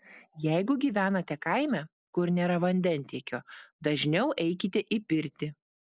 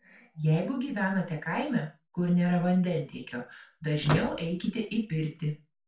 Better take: first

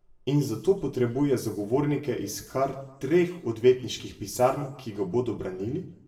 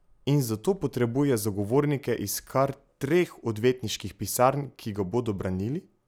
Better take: second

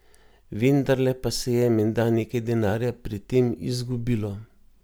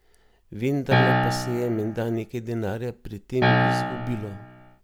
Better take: first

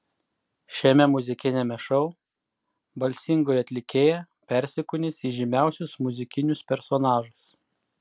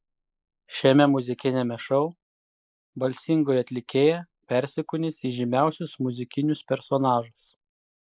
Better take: first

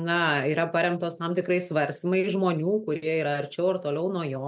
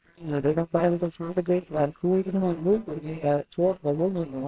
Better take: first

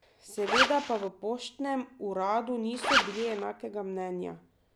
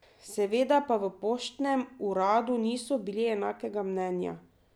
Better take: second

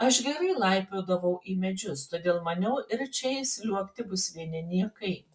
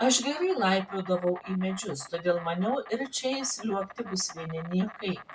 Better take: first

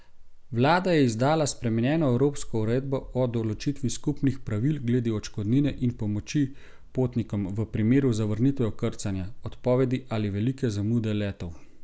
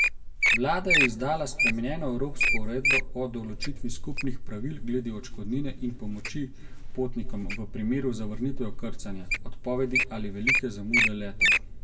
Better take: first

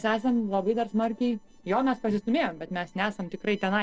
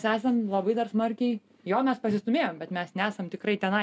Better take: second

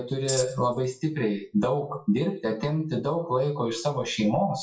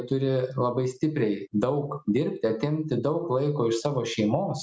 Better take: second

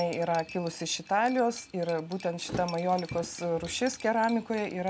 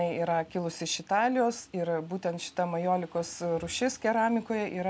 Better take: second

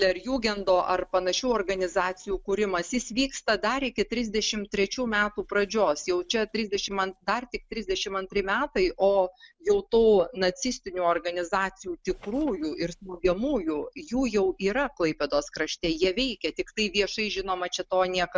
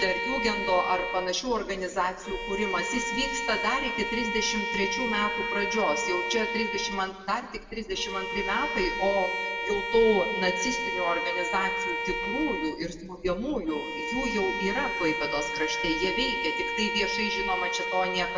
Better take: first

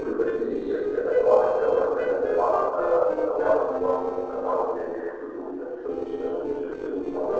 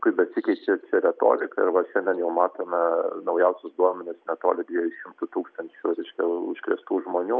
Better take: second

